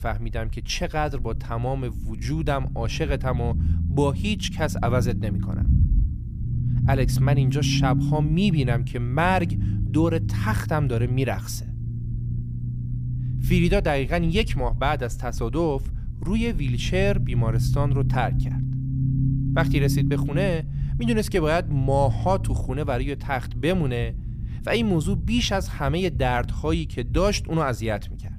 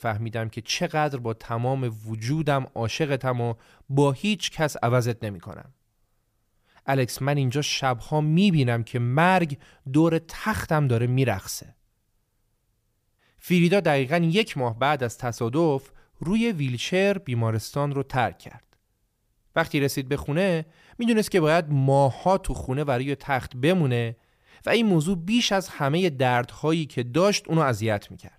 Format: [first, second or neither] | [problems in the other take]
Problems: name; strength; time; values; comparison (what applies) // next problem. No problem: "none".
second | low rumble; noticeable; throughout; 10 dB below the speech